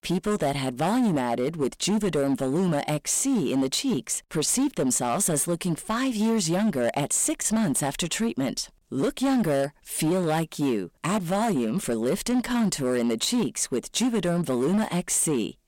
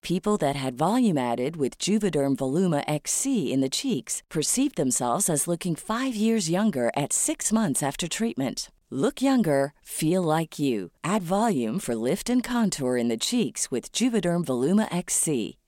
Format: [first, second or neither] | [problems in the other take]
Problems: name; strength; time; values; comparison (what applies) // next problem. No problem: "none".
second | distortion; slight; 13% of the sound clipped